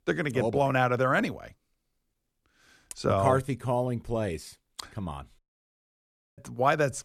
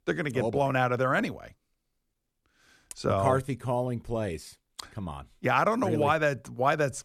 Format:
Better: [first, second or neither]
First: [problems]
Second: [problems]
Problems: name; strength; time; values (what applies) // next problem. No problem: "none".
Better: second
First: audio cutting out; at 5.5 s for 1 s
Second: none